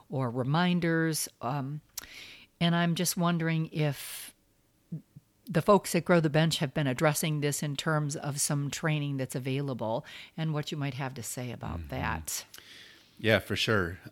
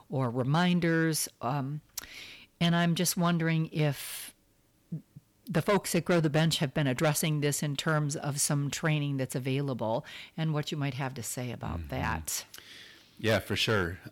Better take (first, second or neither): first